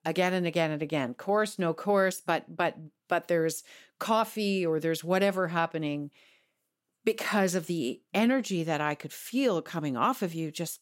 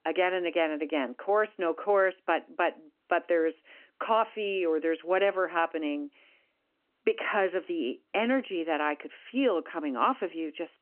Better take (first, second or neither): first